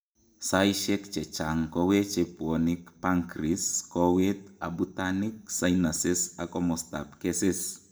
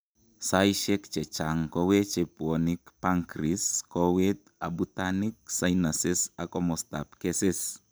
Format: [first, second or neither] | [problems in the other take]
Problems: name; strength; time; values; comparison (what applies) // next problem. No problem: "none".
second | room echo; dies away in 0.5 s